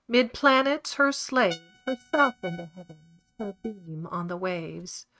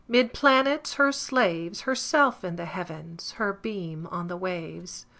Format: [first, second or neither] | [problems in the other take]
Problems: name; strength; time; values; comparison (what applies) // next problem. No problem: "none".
second | noise reduction (neural mask model RNNoise)